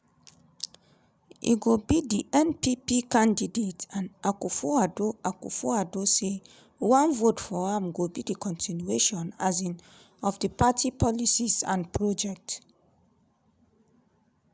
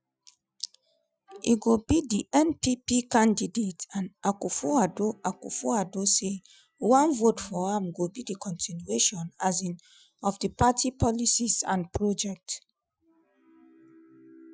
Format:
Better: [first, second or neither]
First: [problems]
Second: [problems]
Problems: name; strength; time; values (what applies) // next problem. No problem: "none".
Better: first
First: none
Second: noise reduction (classical method Wiener filter)